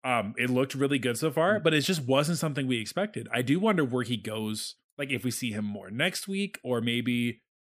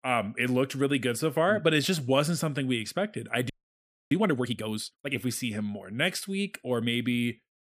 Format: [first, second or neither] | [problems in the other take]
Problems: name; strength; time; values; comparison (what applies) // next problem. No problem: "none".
first | audio freezing; at 3.5 s for 0.5 s